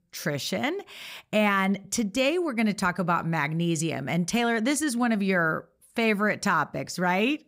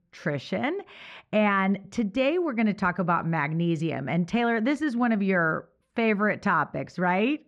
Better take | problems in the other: first | muffled; very; fading above 2.5 kHz

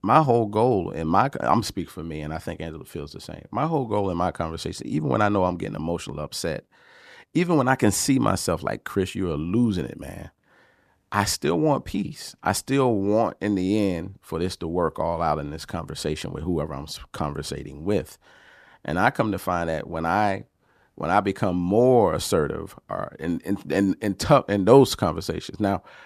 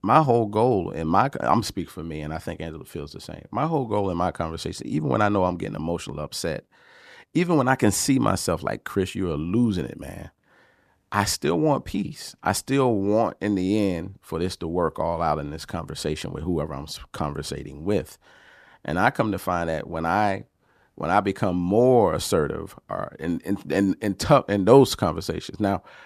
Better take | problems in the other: neither | none

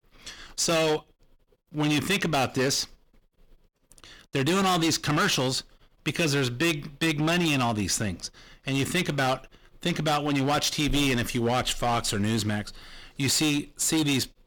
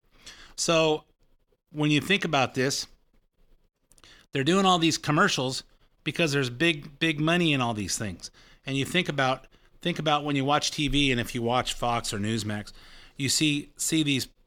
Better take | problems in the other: second | distortion; heavy; 15% of the sound clipped

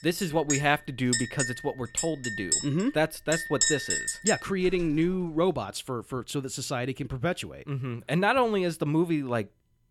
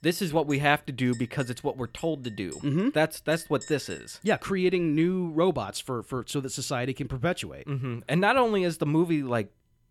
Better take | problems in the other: second | household noises; loud; until 5 s; 1 dB below the speech; faint in the second

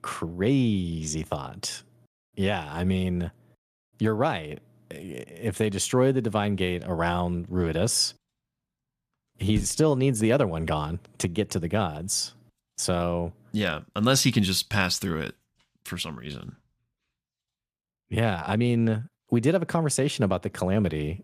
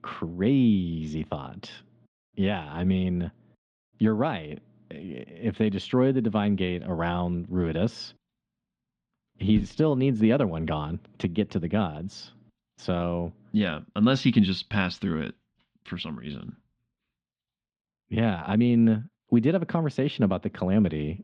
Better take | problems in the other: first | muffled; slightly; fading above 3.5 kHz

